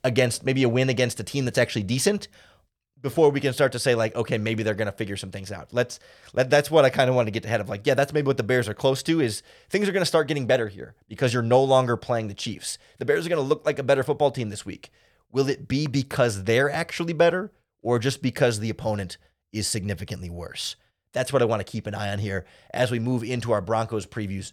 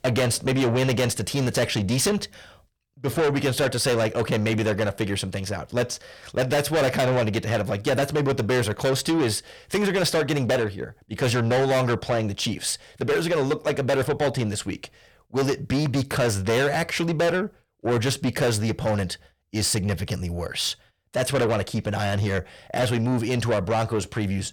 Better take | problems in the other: first | distortion; heavy; 6 dB below the speech

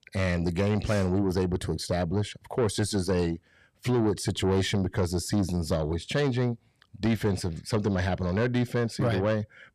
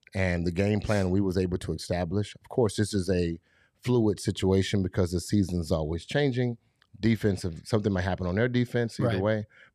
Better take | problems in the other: second | distortion; slight; 10 dB below the speech

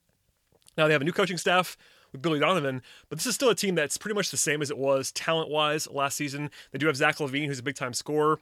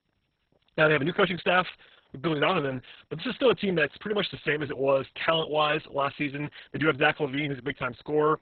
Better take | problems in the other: first | garbled, watery; badly; nothing above 3.5 kHz

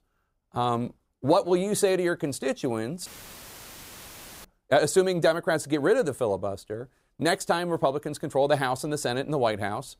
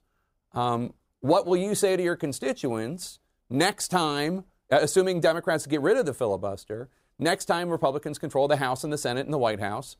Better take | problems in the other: second | audio cutting out; filled with static; at 3 s for 1.5 s

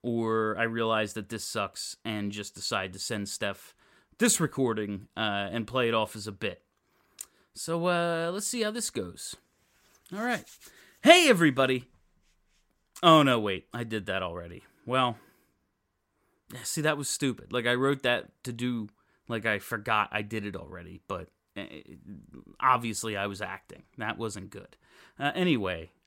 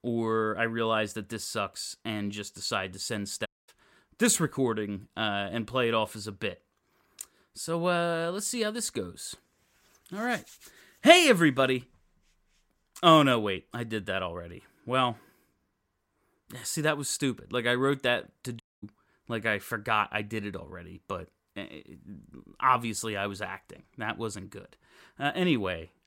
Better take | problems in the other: first | audio cutting out; at 3.5 s and at 19 s

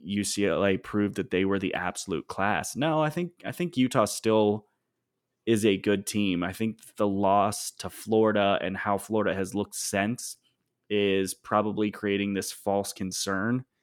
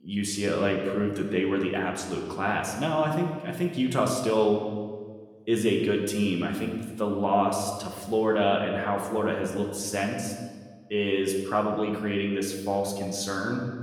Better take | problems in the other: first | room echo; noticeable; dies away in 1.3 s // off-mic speech; somewhat distant

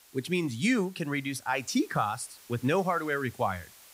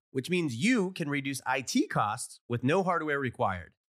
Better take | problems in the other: second | hiss; faint; throughout; 20 dB below the speech

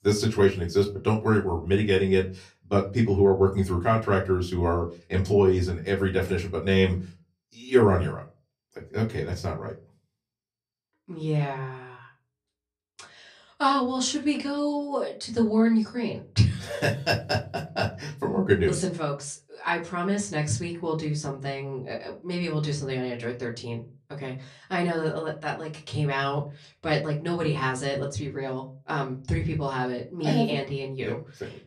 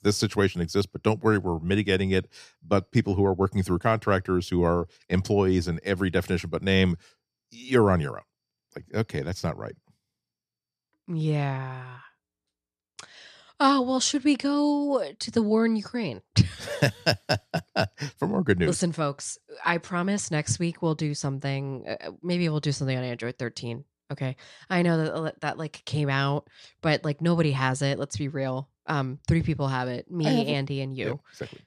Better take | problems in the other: second | off-mic speech; far // room echo; very slight; dies away in 0.2 s

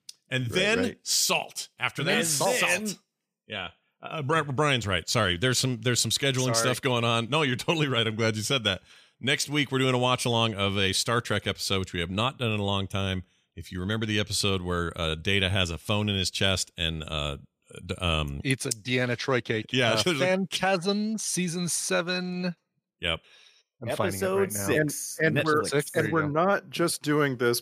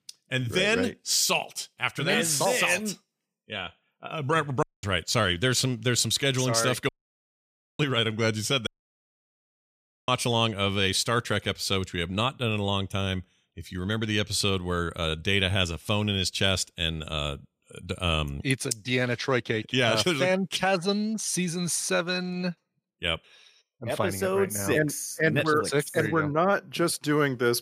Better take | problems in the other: first | audio cutting out; at 4.5 s, at 7 s for 1 s and at 8.5 s for 1.5 s

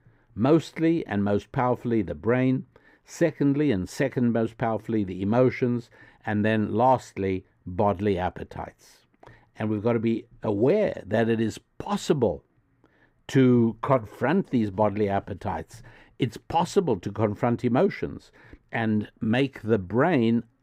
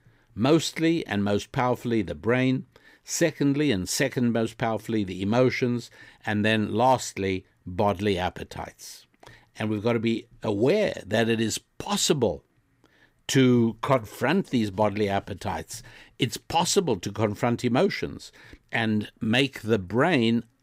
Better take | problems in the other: second | muffled; slightly; fading above 2.5 kHz

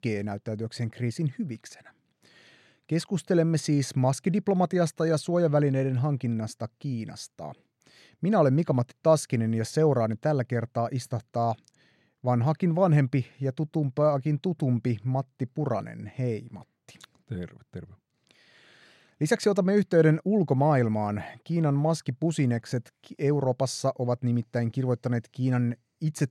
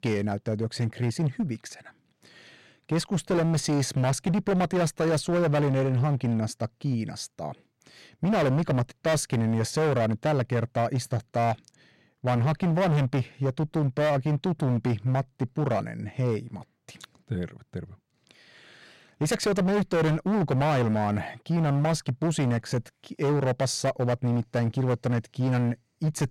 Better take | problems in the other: first | distortion; heavy; 19% of the sound clipped

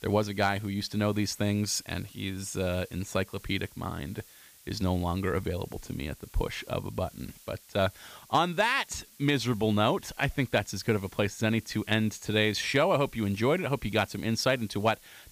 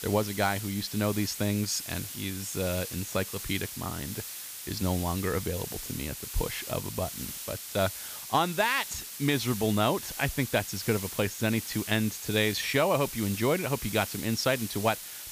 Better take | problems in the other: first | hiss; loud; throughout; 7 dB below the speech; faint in the first

